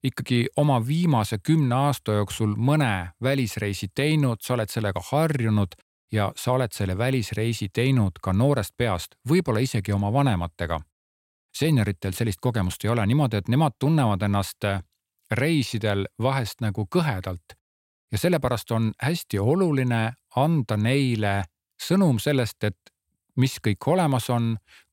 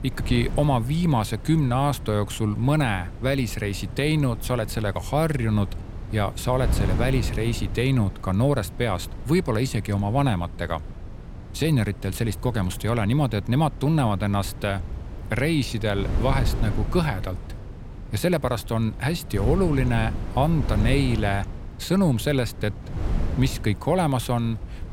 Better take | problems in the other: first | wind noise on the microphone; occasional gusts; 15 dB below the speech

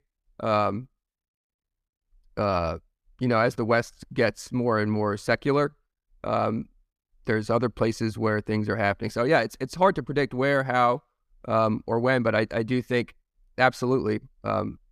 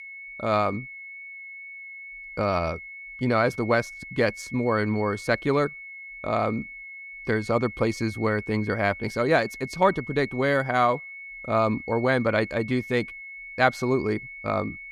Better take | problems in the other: first | high-pitched whine; noticeable; throughout; 2 kHz, 15 dB below the speech

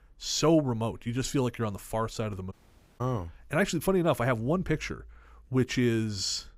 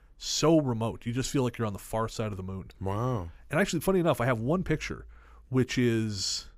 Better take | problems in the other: second | audio cutting out; at 2.5 s

